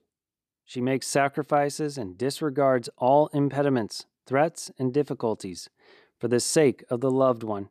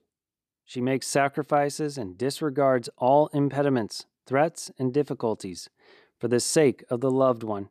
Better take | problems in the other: neither | none

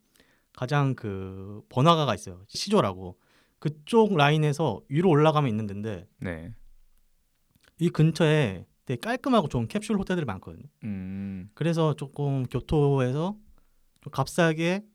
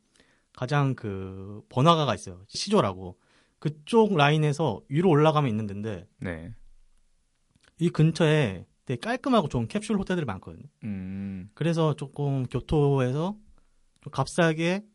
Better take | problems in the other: first | garbled, watery; slightly

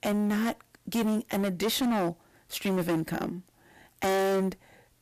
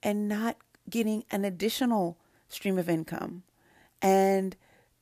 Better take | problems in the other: second | distortion; heavy; 18% of the sound clipped

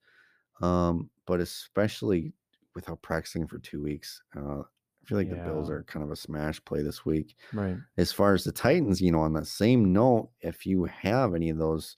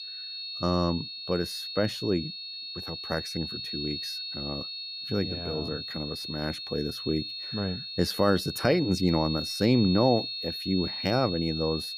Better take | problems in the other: first | high-pitched whine; loud; throughout; 4.5 kHz, 5 dB below the speech

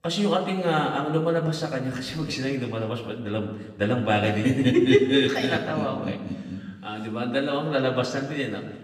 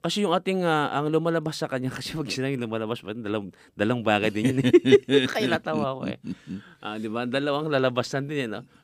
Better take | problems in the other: second | room echo; noticeable; dies away in 1.1 s // off-mic speech; somewhat distant

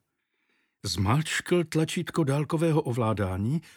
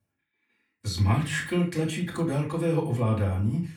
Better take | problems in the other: first | off-mic speech; far // room echo; slight; dies away in 0.3 s

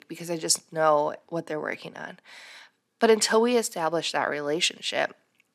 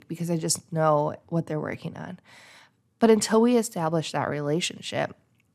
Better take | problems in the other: second | thin; somewhat; fading below 350 Hz

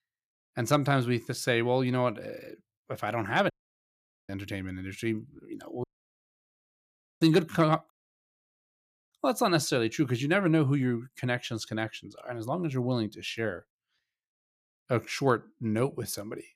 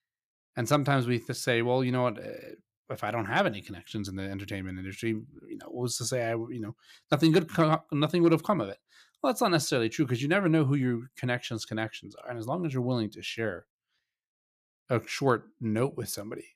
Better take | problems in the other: second | audio cutting out; at 3.5 s for 1 s, at 6 s for 1.5 s and at 8 s for 1 s

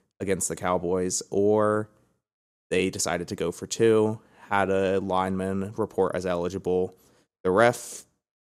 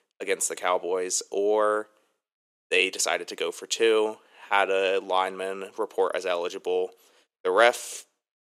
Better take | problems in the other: first | thin; very; fading below 400 Hz

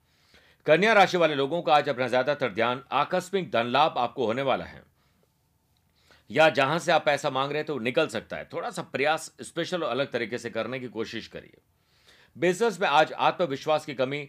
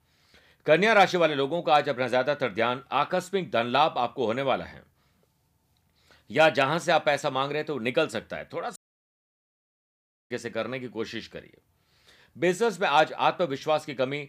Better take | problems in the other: first | audio cutting out; at 9 s for 1.5 s

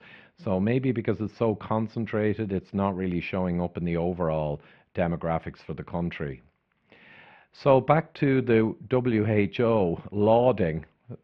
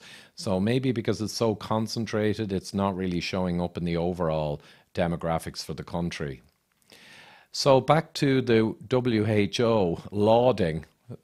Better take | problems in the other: second | muffled; very; fading above 2.5 kHz

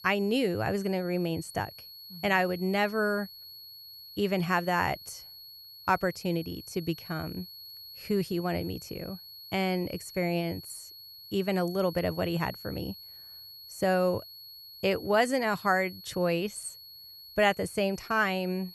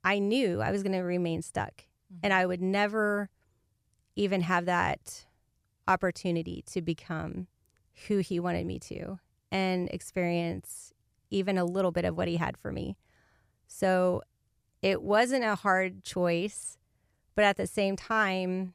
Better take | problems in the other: second | high-pitched whine; noticeable; throughout; 4.5 kHz, 15 dB below the speech

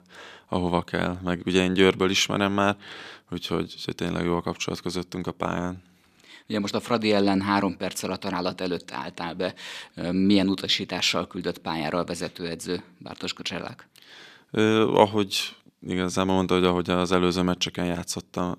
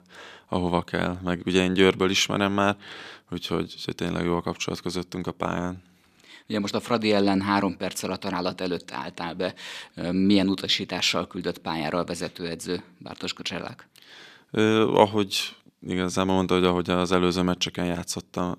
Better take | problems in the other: neither | none

